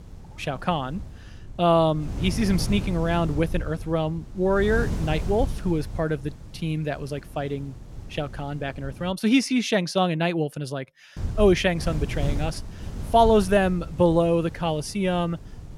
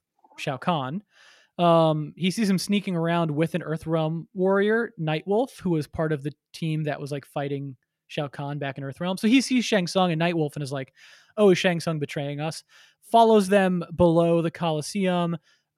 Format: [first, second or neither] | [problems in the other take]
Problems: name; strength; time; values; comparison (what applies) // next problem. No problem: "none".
second | wind noise on the microphone; occasional gusts; until 9 s and from 11 s on; 20 dB below the speech